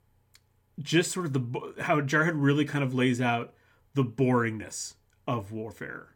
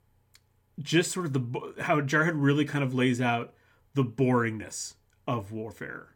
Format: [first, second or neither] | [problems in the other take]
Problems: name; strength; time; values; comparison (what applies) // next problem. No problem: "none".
neither | none